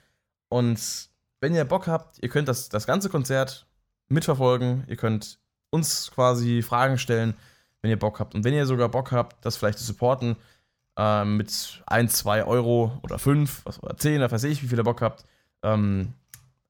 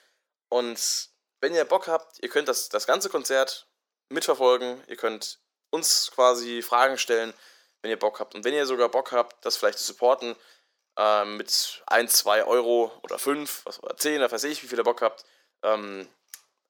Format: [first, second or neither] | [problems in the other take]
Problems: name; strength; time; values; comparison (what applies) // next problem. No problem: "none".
first | thin; very; fading below 350 Hz